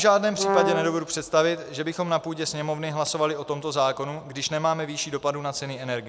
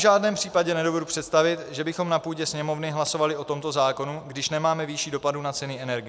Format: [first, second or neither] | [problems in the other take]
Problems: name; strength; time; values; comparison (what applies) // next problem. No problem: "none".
second | background sound (Brass instrument); as loud as the speech